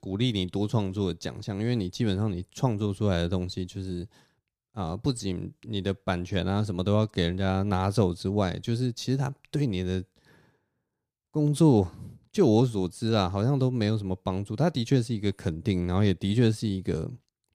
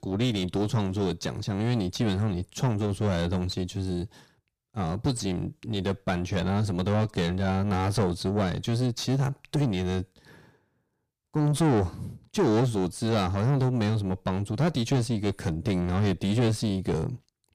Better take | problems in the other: first | distortion; heavy; 5 dB below the speech

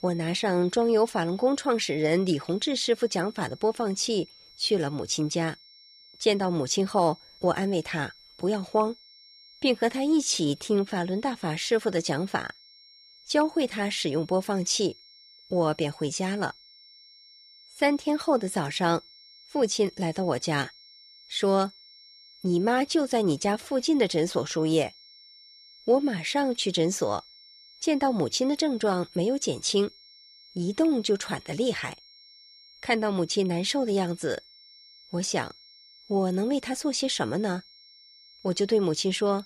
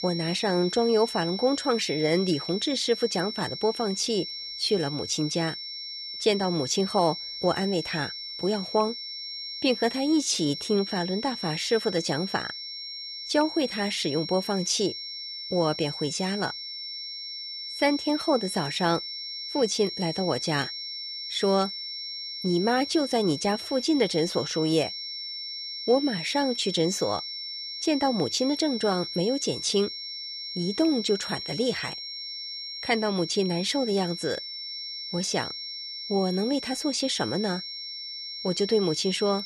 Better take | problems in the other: first | high-pitched whine; loud; throughout; 5.5 kHz, 7 dB below the speech; faint in the first

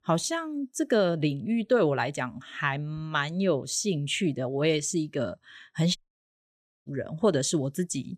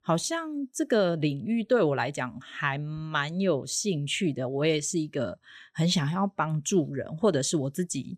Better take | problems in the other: second | audio cutting out; at 6 s for 1 s

